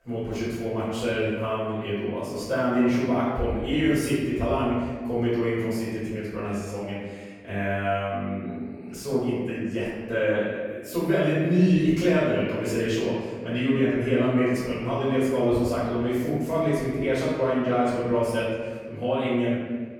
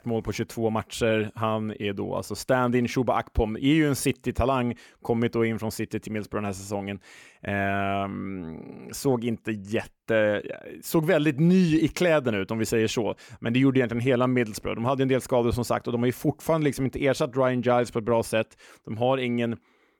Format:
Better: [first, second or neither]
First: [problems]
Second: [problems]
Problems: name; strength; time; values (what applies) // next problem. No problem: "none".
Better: second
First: off-mic speech; far // room echo; strong; dies away in 1.5 s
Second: none